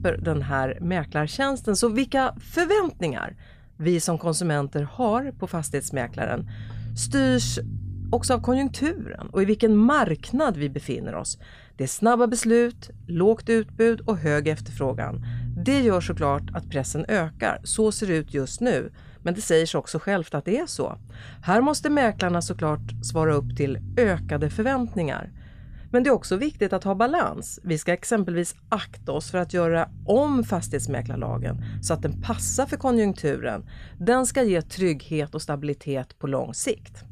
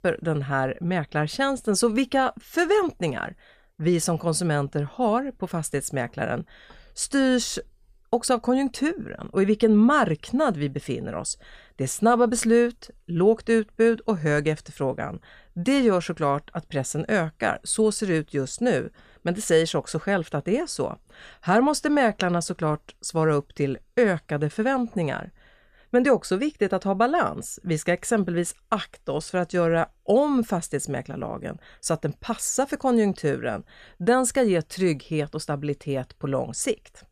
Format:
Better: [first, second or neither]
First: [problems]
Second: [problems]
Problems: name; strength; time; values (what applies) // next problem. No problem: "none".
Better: second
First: low rumble; faint; throughout; 25 dB below the speech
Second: none